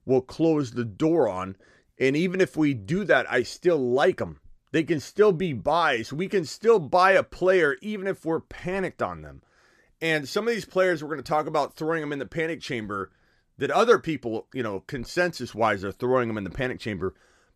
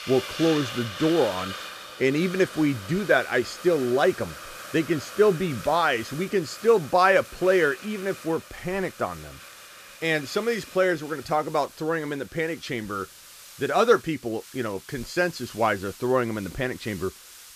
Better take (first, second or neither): first